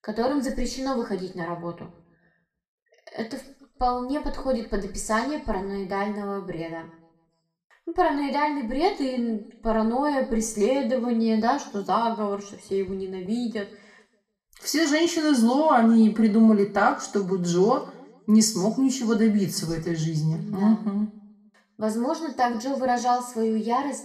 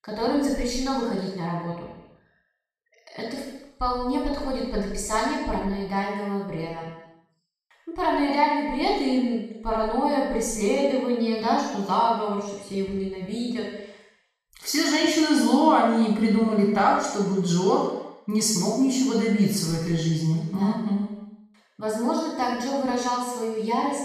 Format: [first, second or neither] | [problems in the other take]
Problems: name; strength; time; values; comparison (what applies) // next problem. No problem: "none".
first | room echo; strong; dies away in 0.9 s; slight in the first // off-mic speech; far; somewhat distant in the first